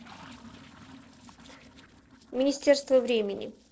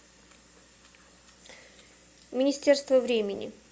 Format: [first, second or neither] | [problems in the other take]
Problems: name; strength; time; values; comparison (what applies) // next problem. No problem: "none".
second | noise reduction (neural separator model SepFormer DNS4)